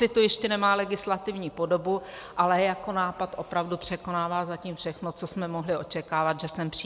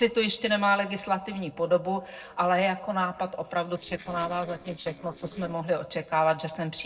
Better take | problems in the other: first | noise reduction (neural separator model SepFormer DNS4)

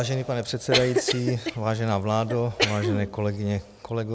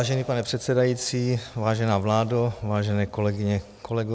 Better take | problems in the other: second | background sound (Cough); 4 dB below the speech

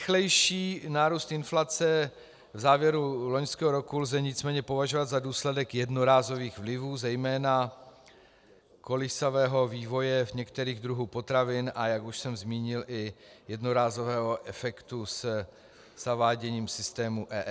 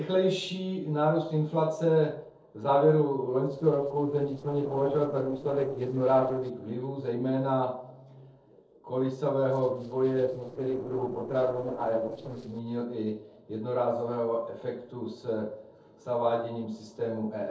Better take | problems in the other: first | noise reduction (neural separator model SepFormer DNS4)

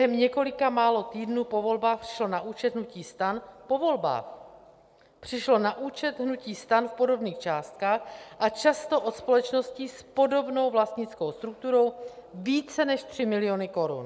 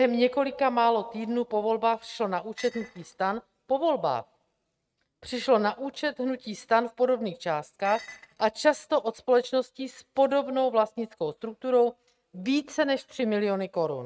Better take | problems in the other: first | noise reduction (neural mask model RNNoise)

